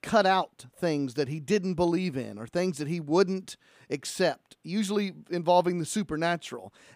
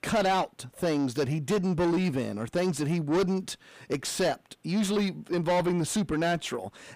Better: first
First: none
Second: distortion; heavy; 6 dB below the speech

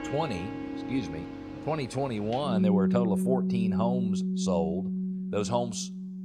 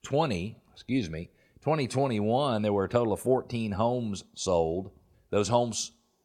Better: second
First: background music; very loud; throughout; 2 dB above the speech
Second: none

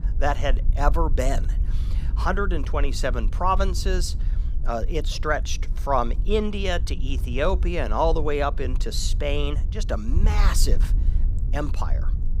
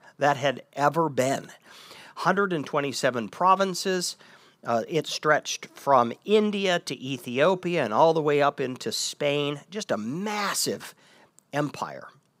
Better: second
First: wind noise on the microphone; occasional gusts; 20 dB below the speech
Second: none

